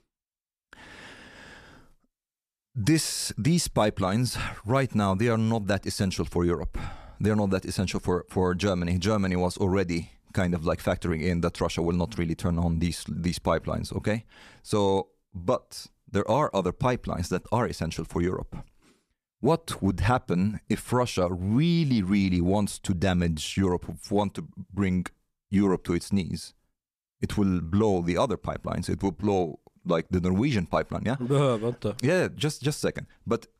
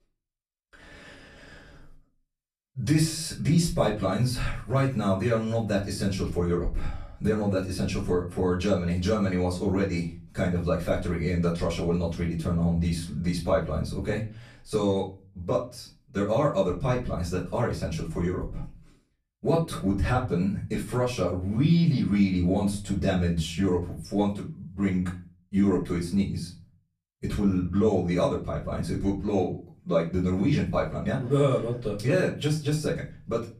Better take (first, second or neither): first